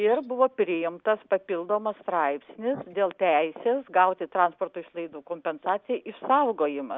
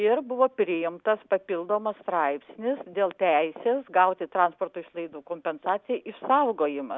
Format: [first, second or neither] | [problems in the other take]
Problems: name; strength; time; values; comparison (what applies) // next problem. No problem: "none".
second | noise reduction (neural mask model Resemble Enhance denoiser)